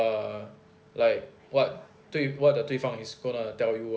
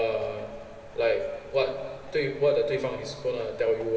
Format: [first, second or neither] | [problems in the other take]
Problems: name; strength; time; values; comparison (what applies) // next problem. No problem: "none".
first | background sound (Rain); 19 dB below the speech // room echo; dies away in 2.3 s